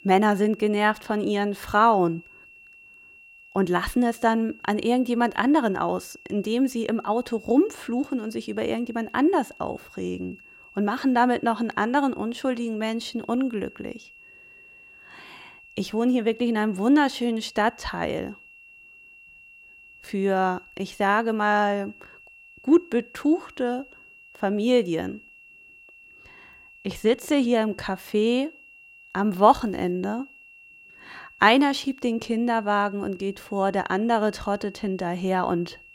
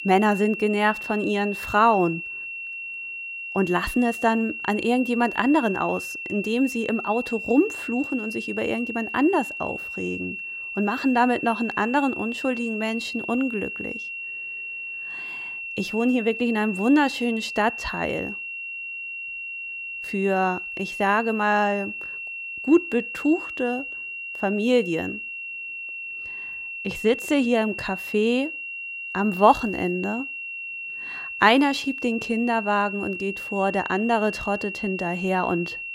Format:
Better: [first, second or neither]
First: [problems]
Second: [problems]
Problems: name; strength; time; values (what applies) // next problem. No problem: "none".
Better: first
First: high-pitched whine; faint; throughout; 2.5 kHz, 25 dB below the speech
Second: high-pitched whine; loud; throughout; 2.5 kHz, 7 dB below the speech